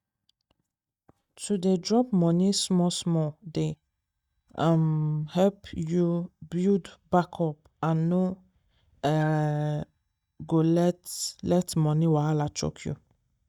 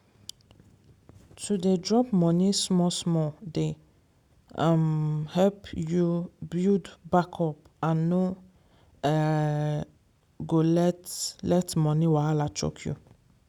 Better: second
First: noise reduction (neural mask model DeepFilterNet 3)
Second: none

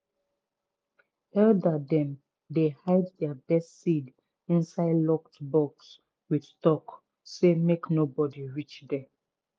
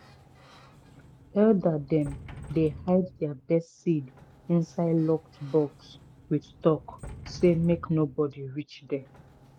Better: first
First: none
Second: background sound (Sliding door); 19 dB below the speech

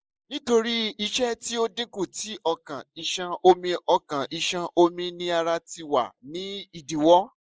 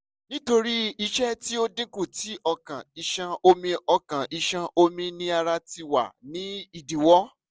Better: second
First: noise reduction (neural mask model Resemble Enhance denoiser)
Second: none

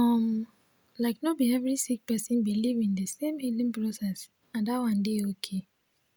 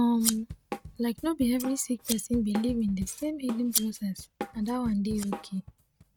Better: first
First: none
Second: noise reduction (neural mask model RNNoise)

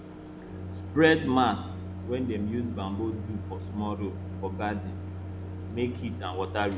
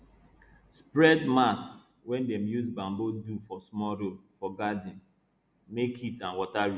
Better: second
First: background sound (Microwave oven); 7 dB below the speech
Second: none

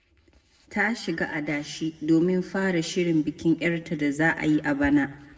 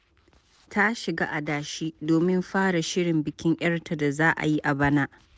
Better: second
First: room echo; dies away in 1.2 s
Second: none

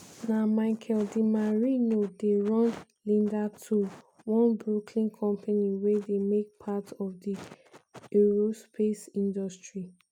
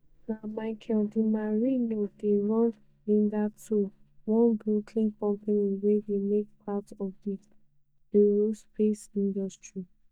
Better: first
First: none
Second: noise reduction (neural mask model DeepFilterNet 3)

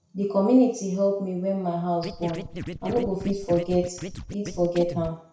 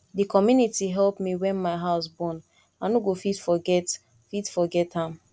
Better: second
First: background sound (Scratching (performance technique)); 10 dB below the speech // room echo; dies away in 0.6 s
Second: none

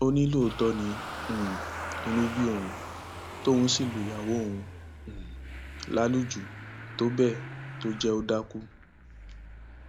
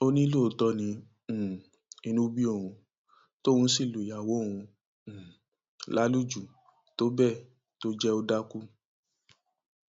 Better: second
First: background sound (Engine starting / Motor vehicle (road)); 10 dB below the speech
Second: none

